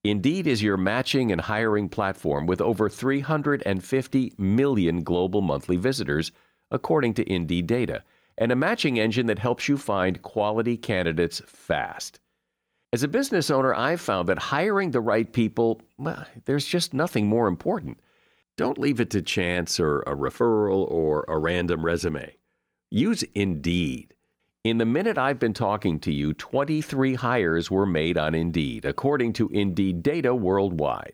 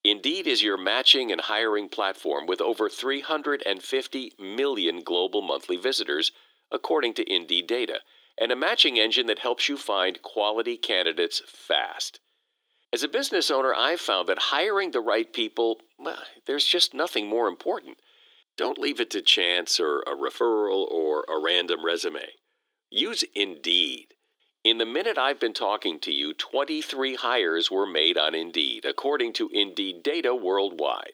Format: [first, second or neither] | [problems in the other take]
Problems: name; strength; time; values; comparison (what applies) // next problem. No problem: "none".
first | thin; somewhat; fading below 350 Hz